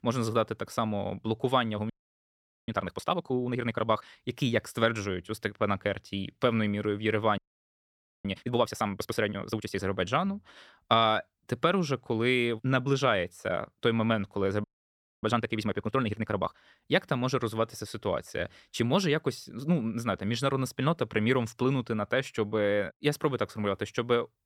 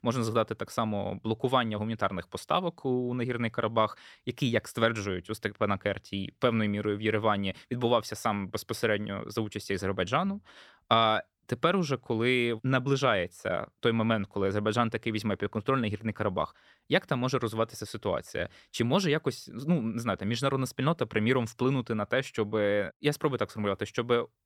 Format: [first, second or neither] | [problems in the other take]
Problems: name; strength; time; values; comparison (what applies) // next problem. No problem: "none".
second | audio freezing; at 2 s for 1 s, at 7.5 s for 1 s and at 15 s for 0.5 s